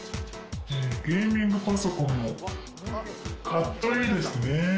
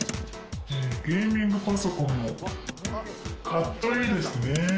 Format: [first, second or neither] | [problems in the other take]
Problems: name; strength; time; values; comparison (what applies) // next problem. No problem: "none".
first | background sound (Motor vehicle (road)); 14 dB below the speech